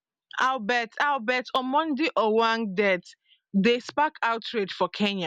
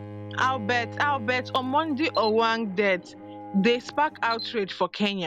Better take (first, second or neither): first